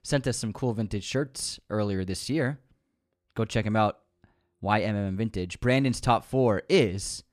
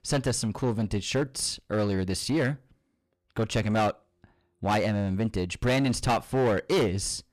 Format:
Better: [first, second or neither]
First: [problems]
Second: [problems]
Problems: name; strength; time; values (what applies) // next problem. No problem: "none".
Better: first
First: none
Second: distortion; heavy; 9% of the sound clipped